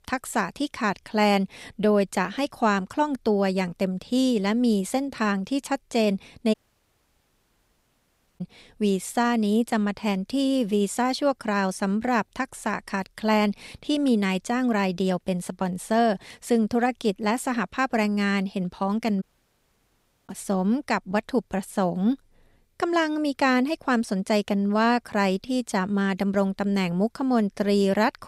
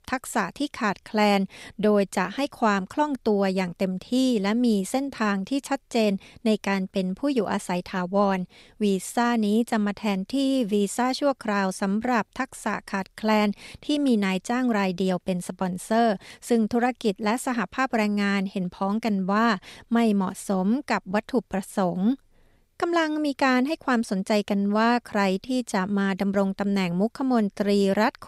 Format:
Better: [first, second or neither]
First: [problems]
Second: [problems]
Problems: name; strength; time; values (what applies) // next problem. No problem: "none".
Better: second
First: audio cutting out; at 6.5 s for 2 s and at 19 s for 1 s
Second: none